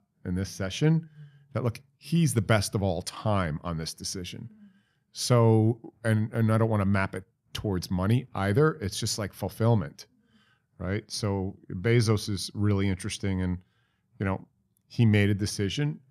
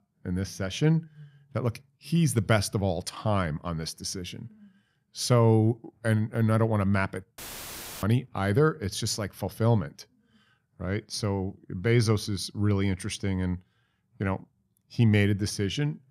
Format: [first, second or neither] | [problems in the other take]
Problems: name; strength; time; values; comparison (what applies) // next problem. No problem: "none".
first | audio cutting out; filled with static; at 7.5 s for 0.5 s